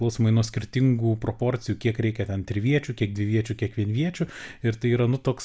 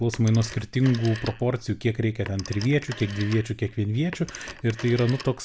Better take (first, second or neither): first